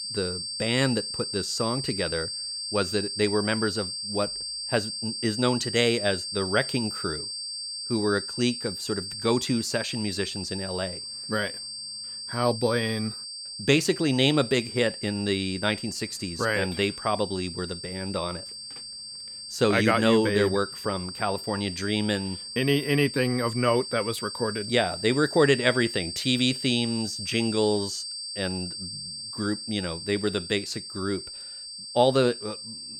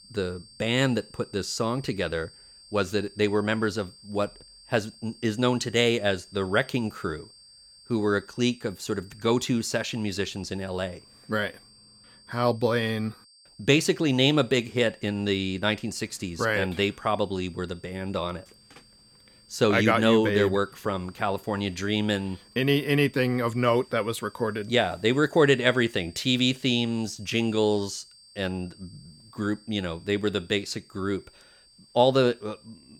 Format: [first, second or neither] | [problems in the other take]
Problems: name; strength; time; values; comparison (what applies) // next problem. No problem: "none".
second | high-pitched whine; loud; throughout; 4.5 kHz, 7 dB below the speech; faint in the second